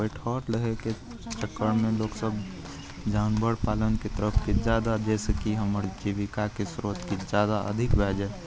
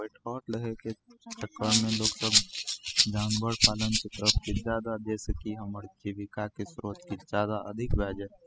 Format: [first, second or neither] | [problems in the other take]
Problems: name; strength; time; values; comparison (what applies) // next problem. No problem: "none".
first | noise reduction (classical method spectral subtraction)